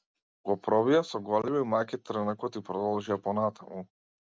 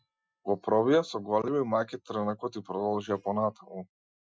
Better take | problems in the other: first | noise reduction (classical method Wiener filter)

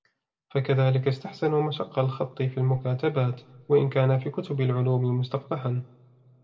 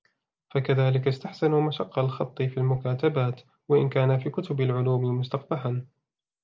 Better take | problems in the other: second | room echo; dies away in 0.7 s

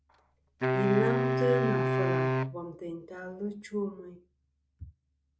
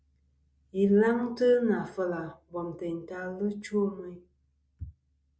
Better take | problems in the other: second | background sound (Wind instrument, woodwind instrument); 4 dB above the speech

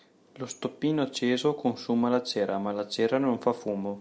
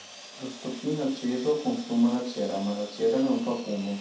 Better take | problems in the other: first | background sound (Sawing); 17 dB below the speech // room echo; dies away in 0.6 s

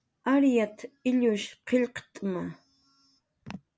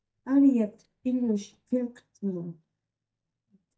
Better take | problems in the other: first | noise reduction (neural mask model DeepFilterNet 3)

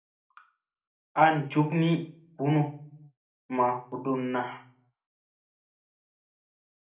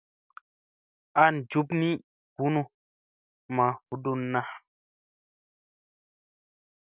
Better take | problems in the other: second | room echo; dies away in 0.4 s

